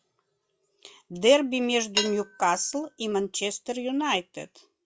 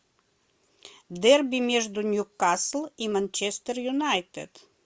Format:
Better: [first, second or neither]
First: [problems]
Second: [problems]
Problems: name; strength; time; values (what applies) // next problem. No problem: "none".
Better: second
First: noise reduction (classical method log-MMSE)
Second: none